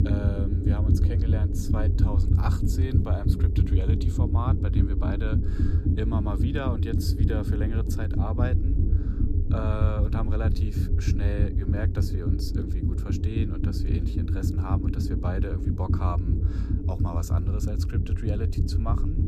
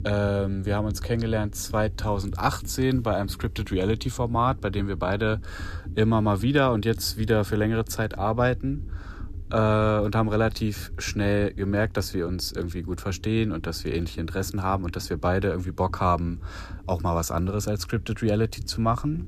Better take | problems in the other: second | low rumble; loud; throughout; 1 dB below the speech; faint in the second

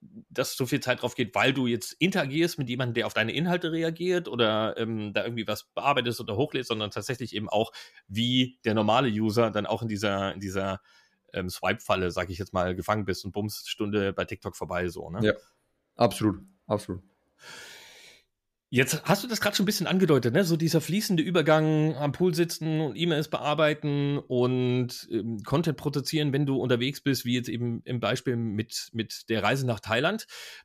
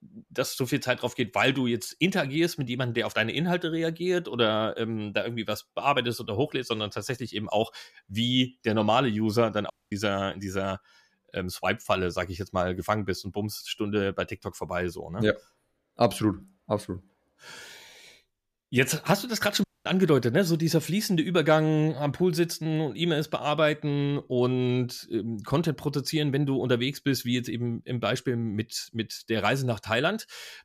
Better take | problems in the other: first | audio cutting out; at 9.5 s and at 20 s

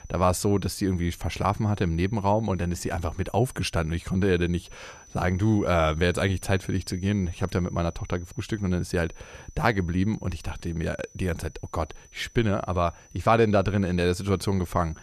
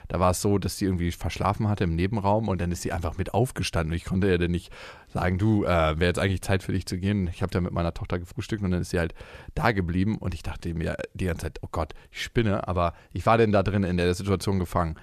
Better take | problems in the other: second | high-pitched whine; faint; throughout; 6 kHz, 25 dB below the speech

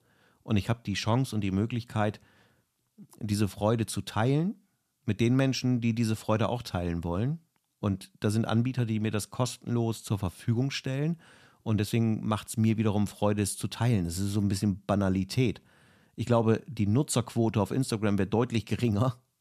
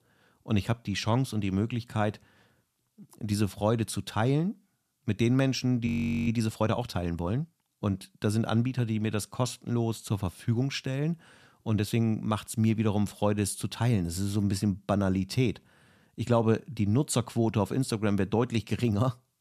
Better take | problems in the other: first | audio freezing; at 6 s

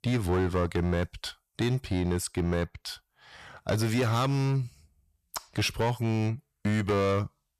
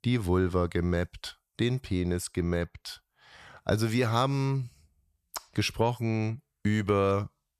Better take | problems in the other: second | distortion; slight; 11% of the sound clipped

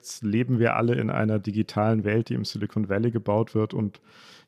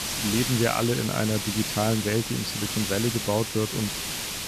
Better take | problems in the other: first | hiss; loud; throughout; 2 dB below the speech

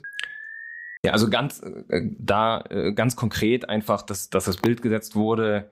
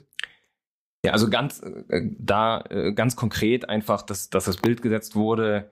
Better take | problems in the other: second | alarm; faint; at the start; peak 10 dB below the speech

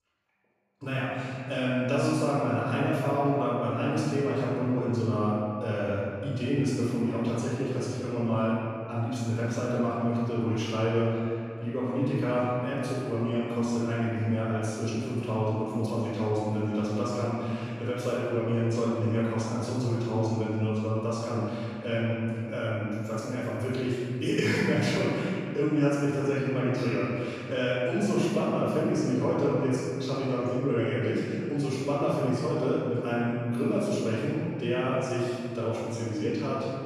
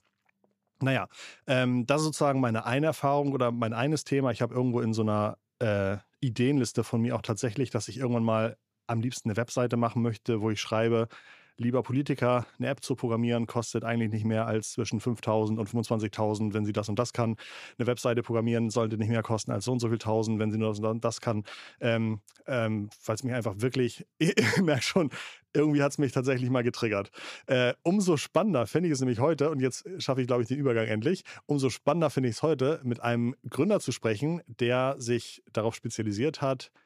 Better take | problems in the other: second | off-mic speech; far // room echo; strong; dies away in 2.3 s

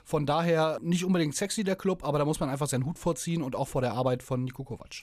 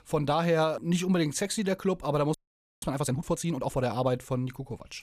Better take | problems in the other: first | audio freezing; at 2.5 s

